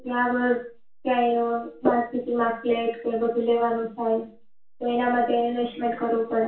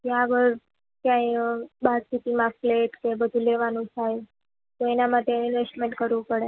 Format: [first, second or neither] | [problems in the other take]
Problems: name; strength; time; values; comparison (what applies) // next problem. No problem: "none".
second | room echo; dies away in 0.3 s